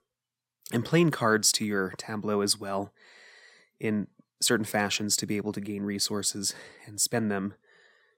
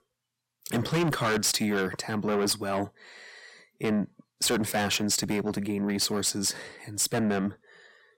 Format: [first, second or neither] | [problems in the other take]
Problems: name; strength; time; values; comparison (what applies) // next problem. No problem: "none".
first | distortion; heavy; 6 dB below the speech